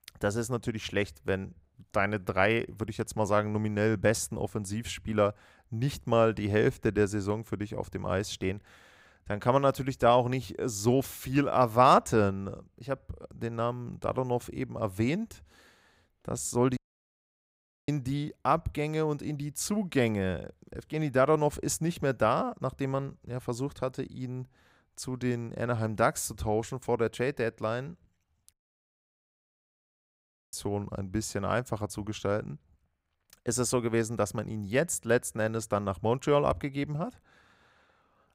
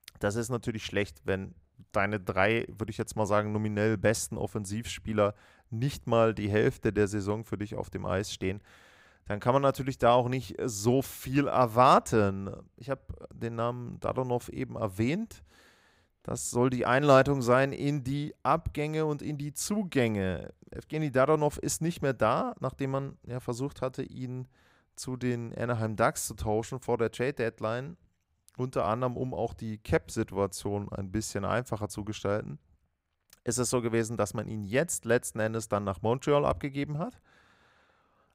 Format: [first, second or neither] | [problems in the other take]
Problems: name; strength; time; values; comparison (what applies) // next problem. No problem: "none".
second | audio cutting out; at 17 s for 1 s and at 29 s for 2 s